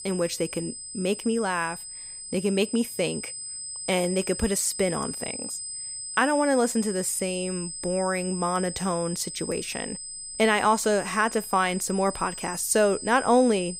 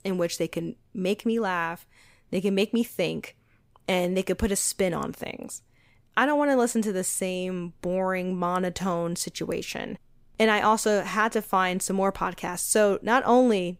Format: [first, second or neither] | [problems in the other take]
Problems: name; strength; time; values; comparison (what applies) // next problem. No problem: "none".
second | high-pitched whine; loud; throughout; 8 kHz, 8 dB below the speech